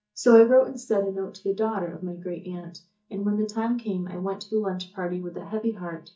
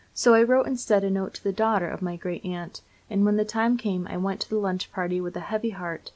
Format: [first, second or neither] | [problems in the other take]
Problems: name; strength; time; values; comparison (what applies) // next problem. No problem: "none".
second | noise reduction (neural mask model DeepFilterNet 3)